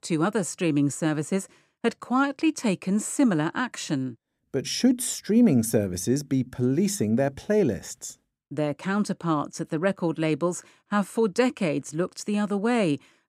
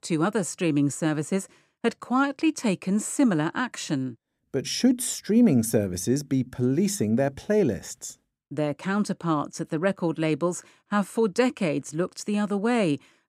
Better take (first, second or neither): neither